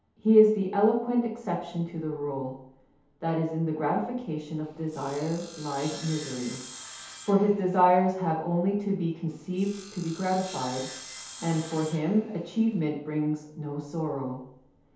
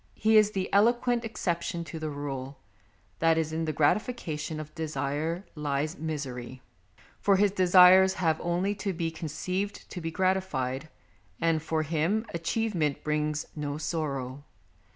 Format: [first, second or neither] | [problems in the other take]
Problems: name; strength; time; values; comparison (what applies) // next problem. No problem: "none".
second | background sound (Sawing); 16 dB below the speech // room echo; dies away in 0.8 s